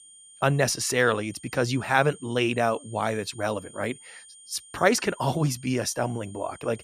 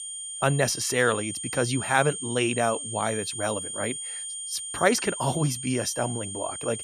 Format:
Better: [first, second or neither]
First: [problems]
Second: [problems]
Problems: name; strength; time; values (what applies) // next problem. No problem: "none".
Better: first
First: high-pitched whine; faint; throughout; 9 kHz, 20 dB below the speech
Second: high-pitched whine; loud; throughout; 9 kHz, 6 dB below the speech